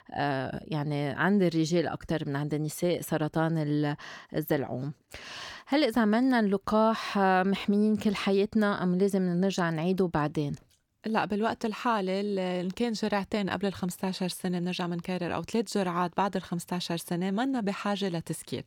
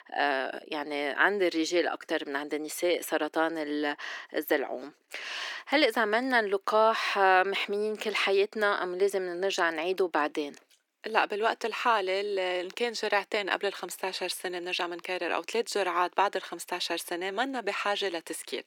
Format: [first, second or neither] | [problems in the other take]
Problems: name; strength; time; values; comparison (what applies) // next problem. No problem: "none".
first | thin; very; fading below 300 Hz